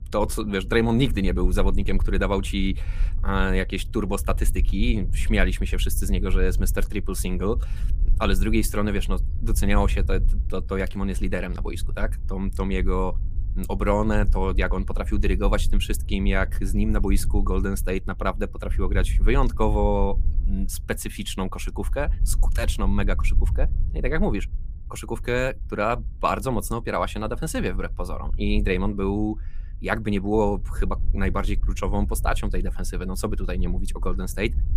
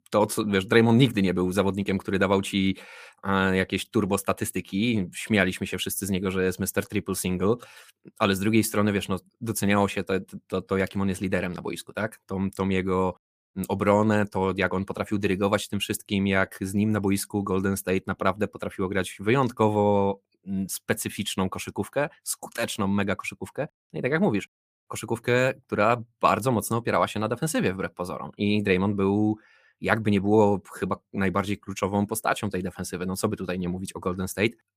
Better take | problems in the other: second | low rumble; faint; throughout; 20 dB below the speech

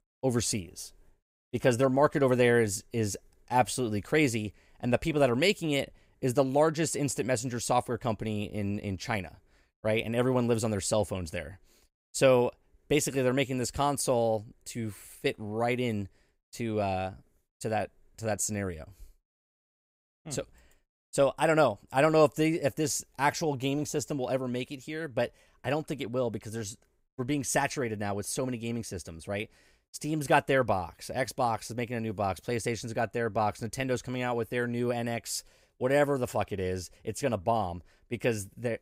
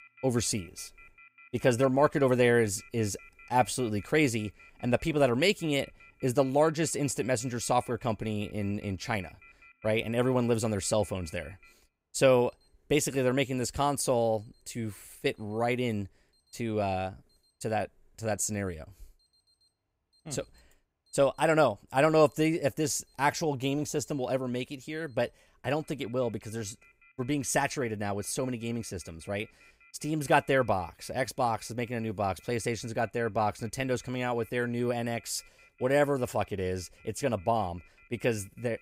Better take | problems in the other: first | alarms or sirens; faint; throughout; 25 dB below the speech

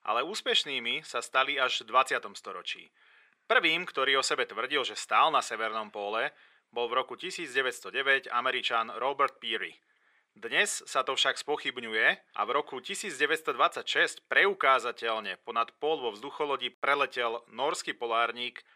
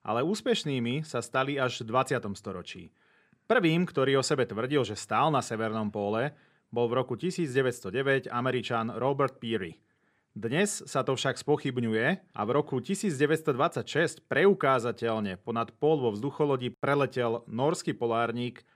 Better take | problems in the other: second | thin; very; fading below 550 Hz

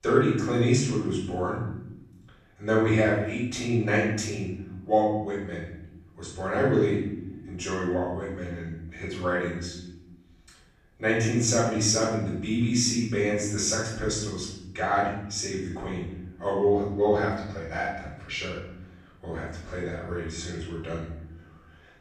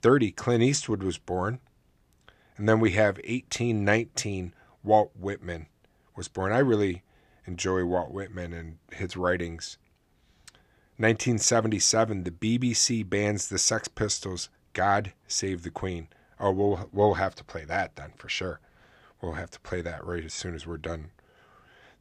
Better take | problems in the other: second | off-mic speech; far // room echo; noticeable; dies away in 0.9 s

